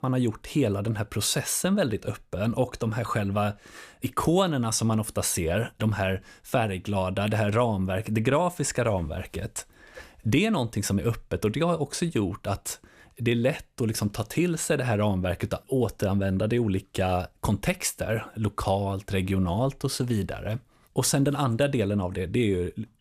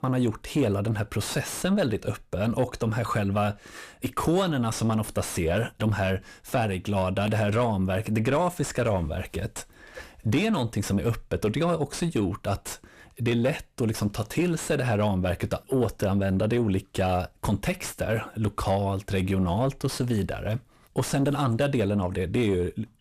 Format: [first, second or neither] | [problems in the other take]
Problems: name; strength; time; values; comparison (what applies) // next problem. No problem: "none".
first | distortion; slight; 10 dB below the speech